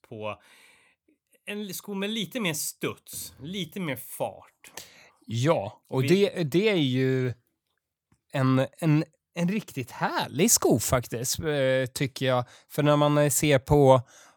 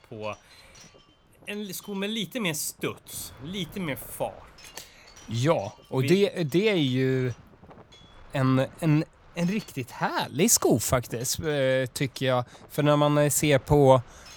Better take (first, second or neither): first